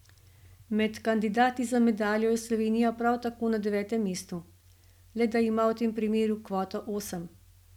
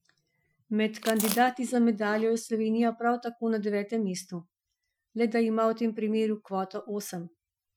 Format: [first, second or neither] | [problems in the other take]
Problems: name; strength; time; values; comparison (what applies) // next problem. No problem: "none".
first | noise reduction (classical method Wiener filter)